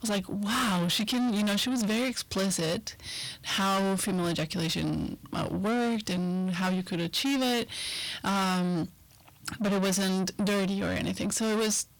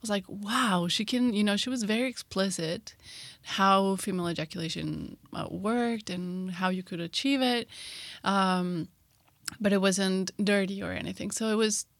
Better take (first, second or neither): second